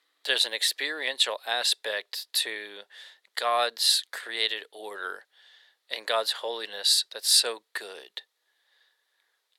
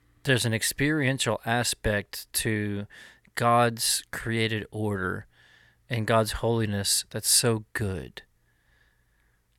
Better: second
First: thin; very; fading below 450 Hz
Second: none

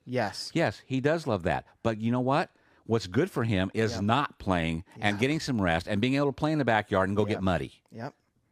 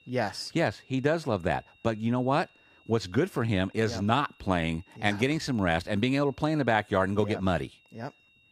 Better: first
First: none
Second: high-pitched whine; faint; throughout; 2.5 kHz, 30 dB below the speech

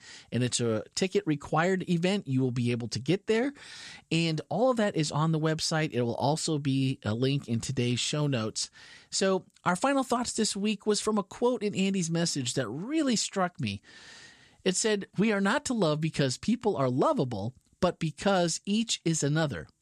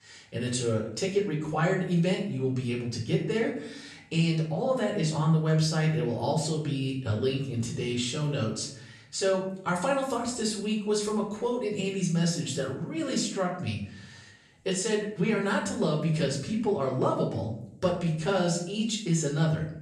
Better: first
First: none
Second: off-mic speech; far // room echo; slight; dies away in 0.6 s

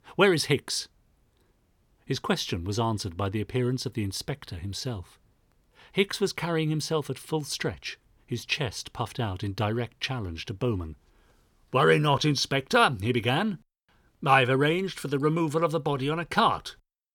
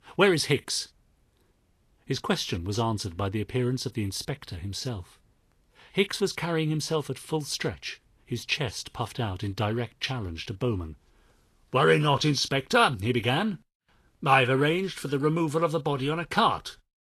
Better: first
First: none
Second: garbled, watery; slightly; nothing above 12.5 kHz

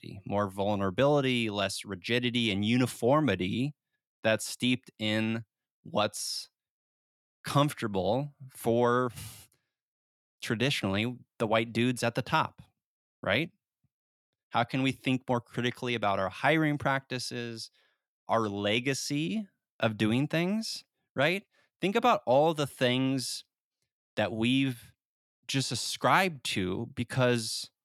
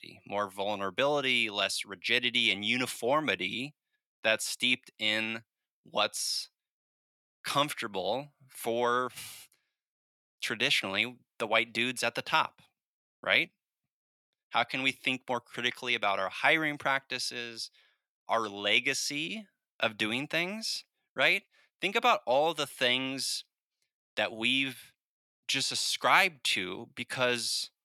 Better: first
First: none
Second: thin; somewhat; fading below 750 Hz

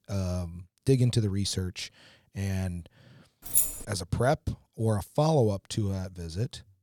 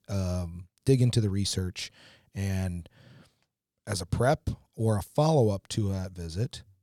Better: second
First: jangling keys; loud; at 3.5 s; peak 5 dB above the speech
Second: none

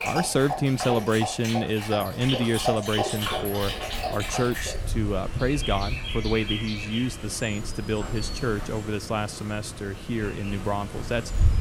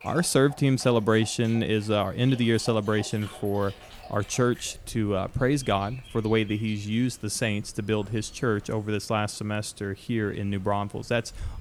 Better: second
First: animal sounds; loud; throughout; 4 dB below the speech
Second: animal sounds; faint; throughout; 20 dB below the speech

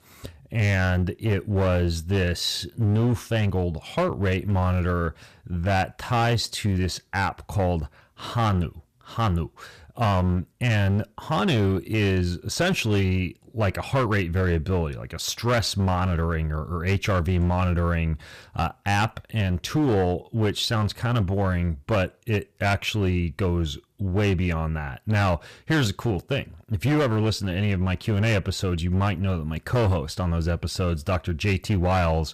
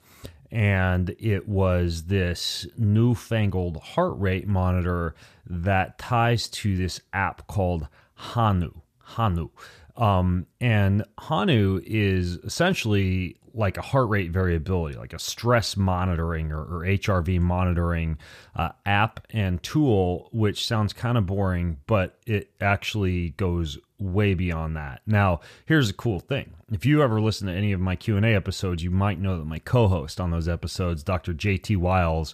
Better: second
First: distortion; slight; 12% of the sound clipped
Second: none

